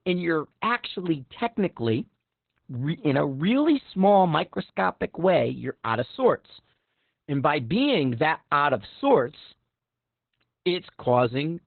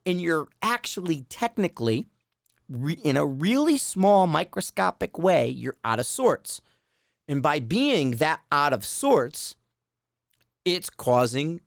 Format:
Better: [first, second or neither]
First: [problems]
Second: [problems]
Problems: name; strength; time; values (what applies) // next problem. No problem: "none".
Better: second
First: garbled, watery; badly; nothing above 4 kHz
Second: garbled, watery; slightly